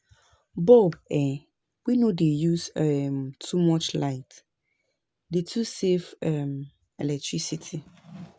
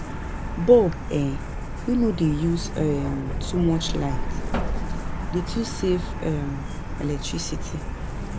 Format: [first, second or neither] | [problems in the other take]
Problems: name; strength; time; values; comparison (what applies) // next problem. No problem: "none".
first | background sound (Truck); 3 dB below the speech